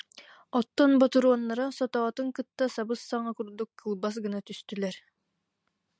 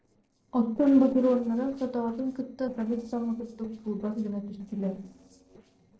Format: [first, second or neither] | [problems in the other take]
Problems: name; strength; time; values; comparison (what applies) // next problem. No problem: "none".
first | noise reduction (neural separator model SepFormer DNS4)